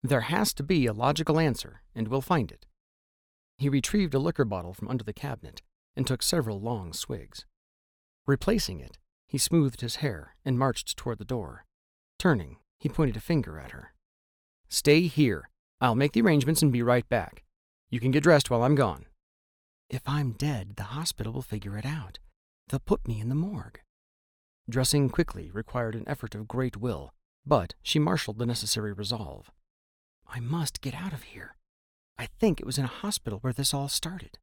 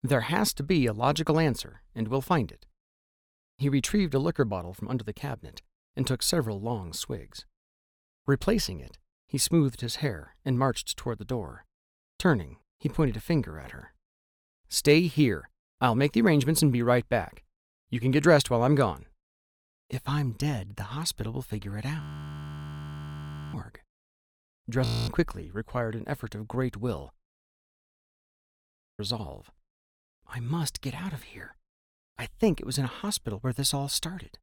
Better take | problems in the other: first | audio freezing; at 22 s for 1.5 s, at 25 s and at 27 s for 1.5 s

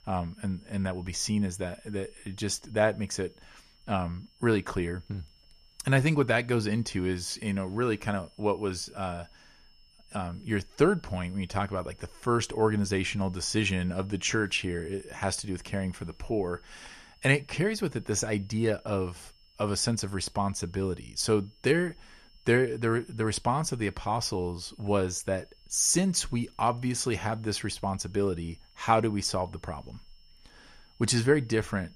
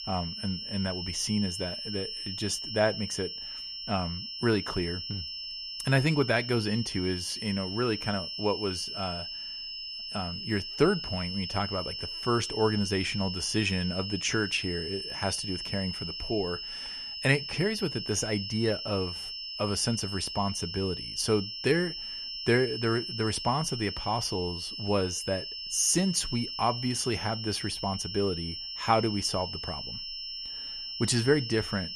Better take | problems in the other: first | high-pitched whine; loud; throughout; 5.5 kHz, 5 dB below the speech; faint in the first

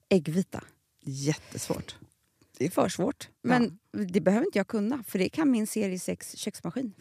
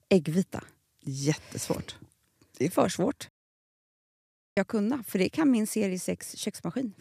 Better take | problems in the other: first | audio cutting out; at 3.5 s for 1.5 s

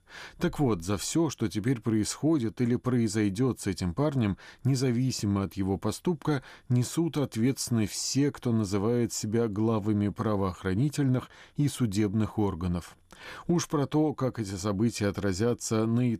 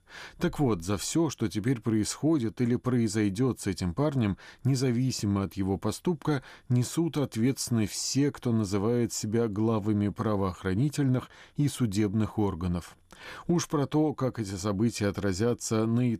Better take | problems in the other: neither | none

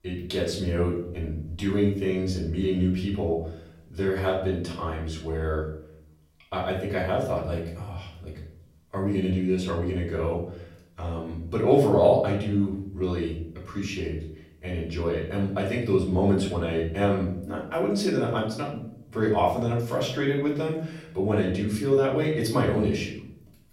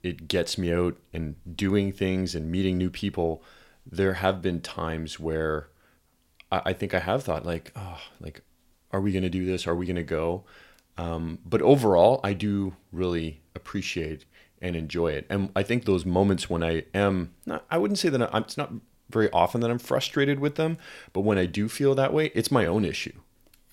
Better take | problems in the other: second | off-mic speech; far // room echo; noticeable; dies away in 0.7 s

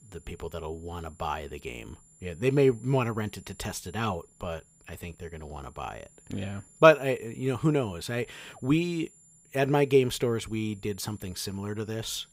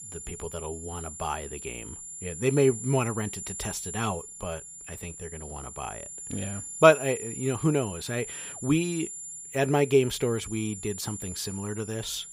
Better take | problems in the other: first | high-pitched whine; loud; throughout; 7 kHz, 10 dB below the speech; faint in the first

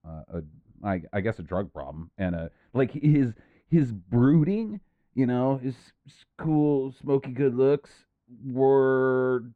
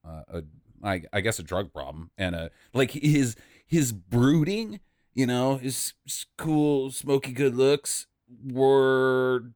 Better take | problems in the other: second | muffled; very; fading above 1.5 kHz

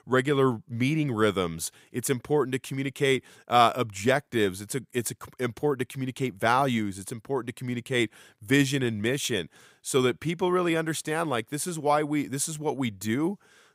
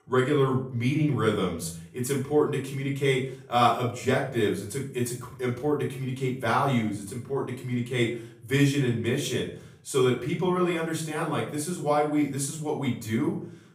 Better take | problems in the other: first | off-mic speech; far // room echo; slight; dies away in 0.5 s

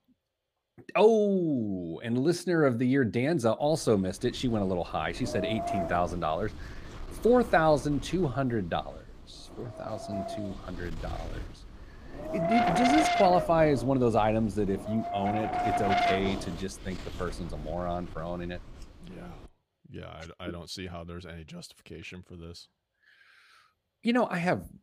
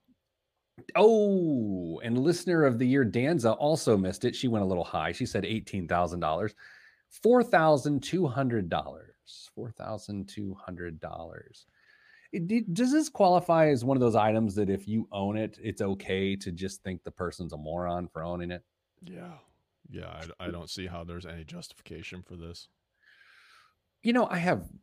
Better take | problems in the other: second | wind noise on the microphone; heavy; from 3.5 to 19 s; as loud as the speech

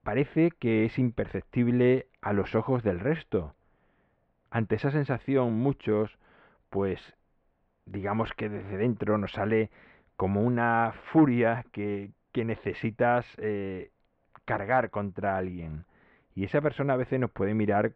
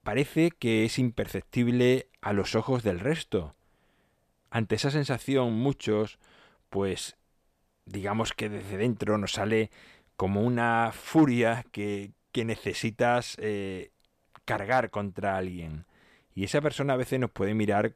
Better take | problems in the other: second | muffled; very; fading above 2 kHz

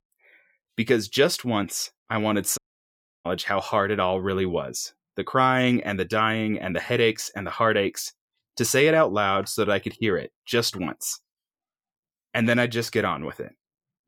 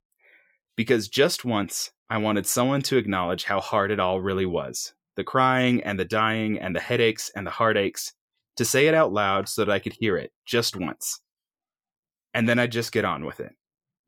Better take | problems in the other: second | audio cutting out; at 2.5 s for 0.5 s

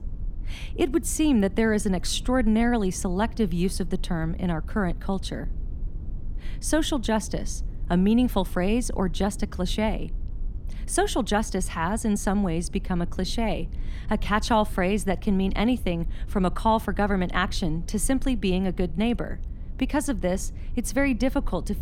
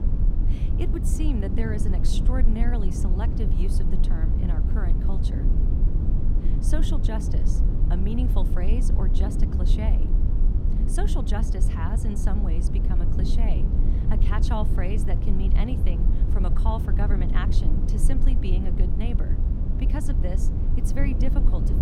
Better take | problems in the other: first | low rumble; loud; throughout; 3 dB below the speech; faint in the first

